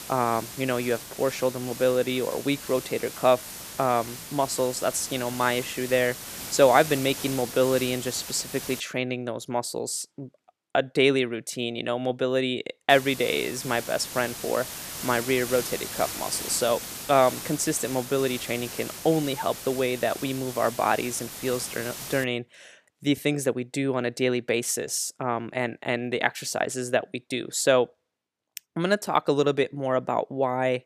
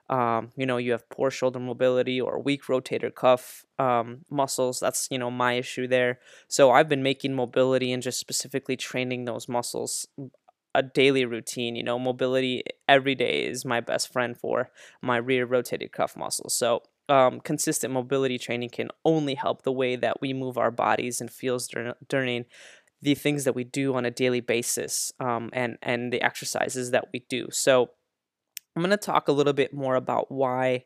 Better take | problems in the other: second | hiss; loud; until 9 s and from 13 to 22 s; 10 dB below the speech

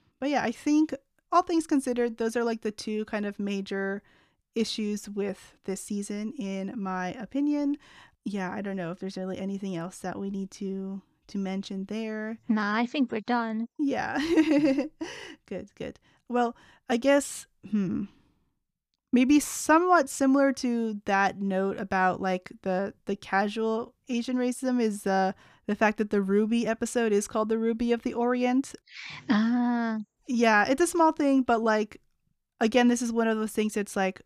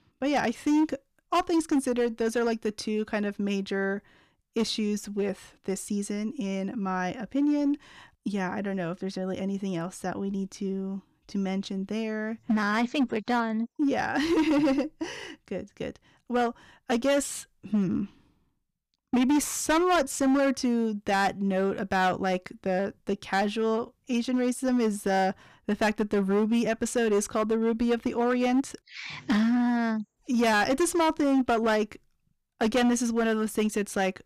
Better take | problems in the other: first | distortion; slight; 7% of the sound clipped

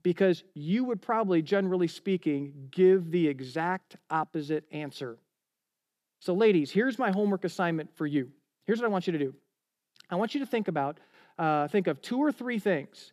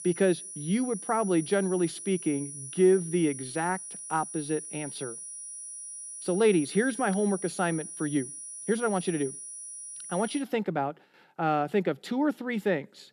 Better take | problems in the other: first | high-pitched whine; loud; until 10 s; 10 kHz, 10 dB below the speech

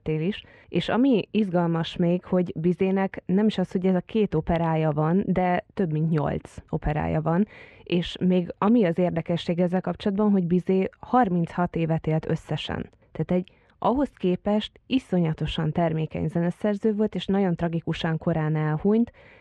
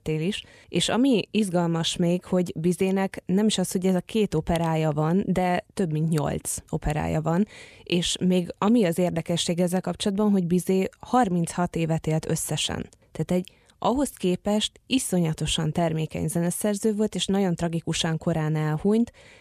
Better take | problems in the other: second | muffled; very; fading above 2 kHz

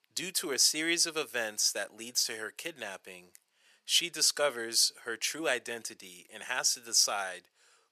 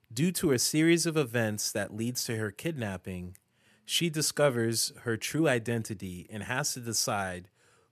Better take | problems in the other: second | thin; very; fading below 550 Hz

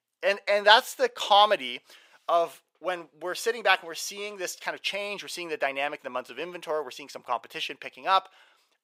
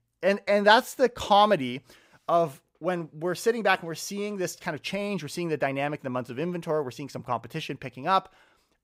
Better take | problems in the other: second | thin; very; fading below 550 Hz

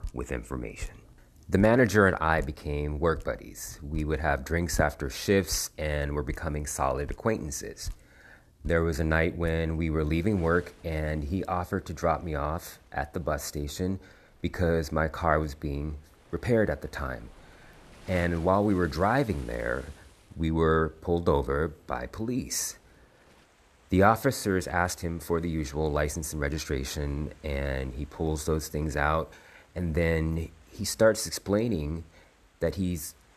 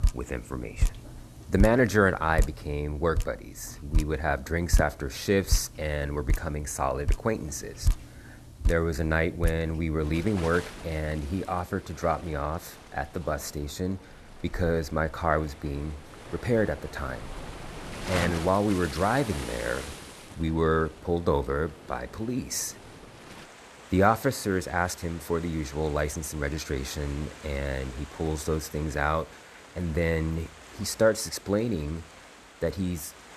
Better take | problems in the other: first | rain or running water; loud; throughout; 9 dB below the speech; faint in the first

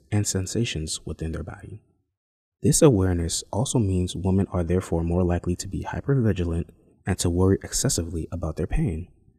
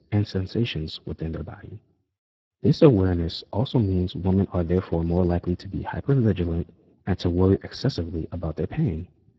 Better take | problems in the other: first | garbled, watery; badly

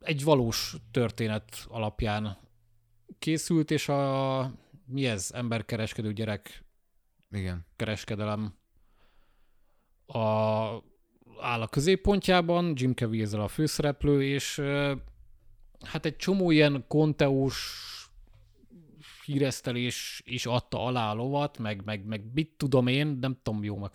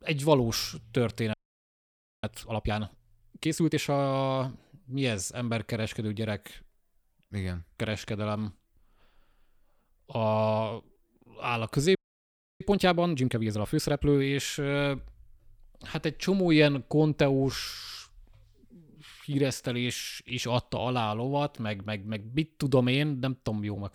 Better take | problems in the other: first | audio freezing; at 1.5 s for 1 s and at 12 s for 0.5 s

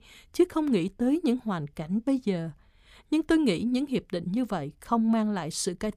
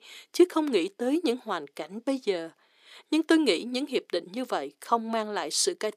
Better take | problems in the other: first | thin; somewhat; fading below 350 Hz

